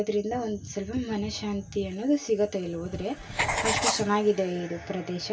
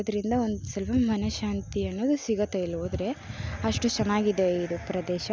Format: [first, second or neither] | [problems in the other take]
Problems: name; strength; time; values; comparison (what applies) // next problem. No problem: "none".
second | background sound (Writing); 5 dB below the speech // room echo; dies away in 0.2 s